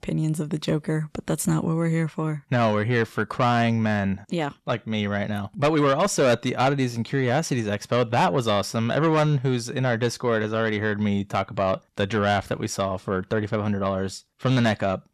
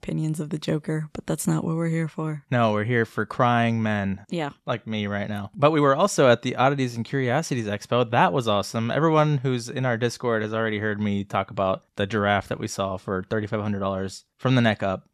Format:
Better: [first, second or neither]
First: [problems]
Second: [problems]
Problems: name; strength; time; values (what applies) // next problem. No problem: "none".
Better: second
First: distortion; slight; 10 dB below the speech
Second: none